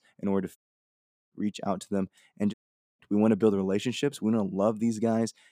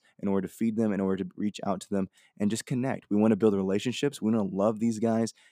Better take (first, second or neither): second